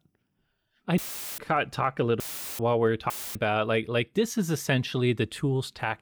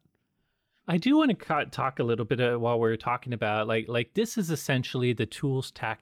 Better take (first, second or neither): second